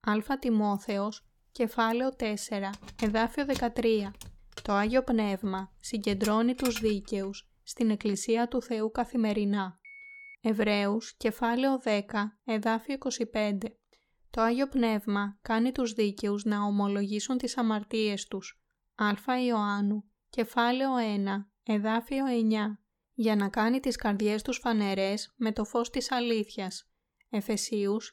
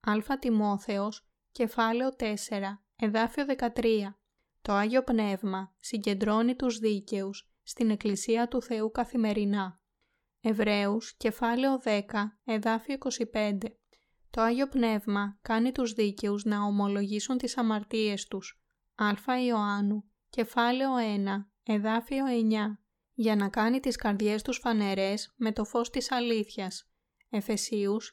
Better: second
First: jangling keys; noticeable; from 1 to 7 s; peak 8 dB below the speech // phone ringing; faint; at 10 s; peak 15 dB below the speech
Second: none

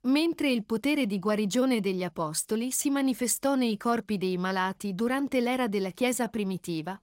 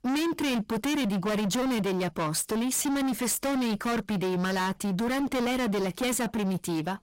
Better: first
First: none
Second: distortion; heavy; 42% of the sound clipped

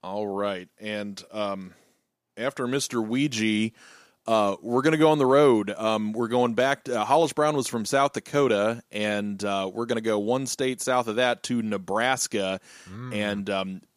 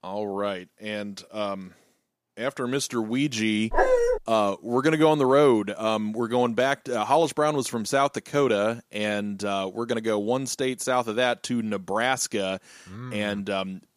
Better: first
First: none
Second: dog barking; loud; at 3.5 s; peak 4 dB above the speech

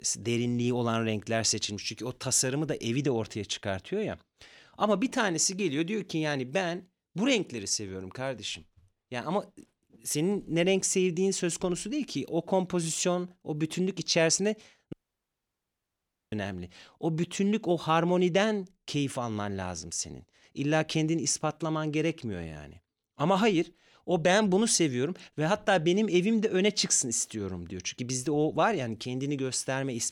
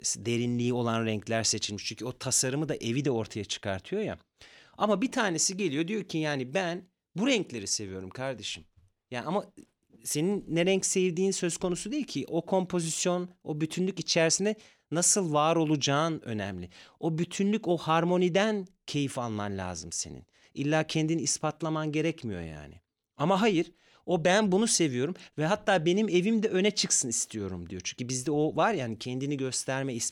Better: second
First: audio cutting out; at 15 s for 1.5 s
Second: none

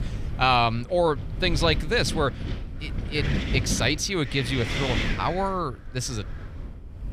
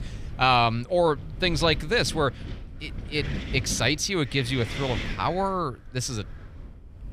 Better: second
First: wind noise on the microphone; heavy; 9 dB below the speech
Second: wind noise on the microphone; occasional gusts; 15 dB below the speech

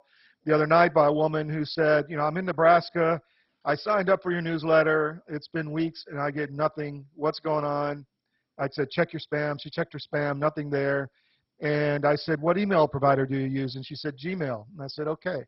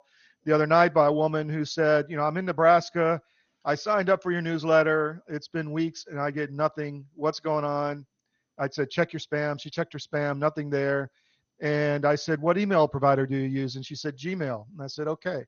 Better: second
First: garbled, watery; badly; nothing above 5.5 kHz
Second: garbled, watery; slightly; nothing above 6.5 kHz

